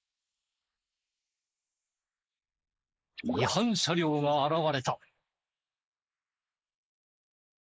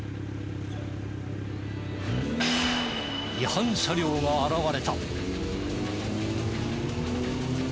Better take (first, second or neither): second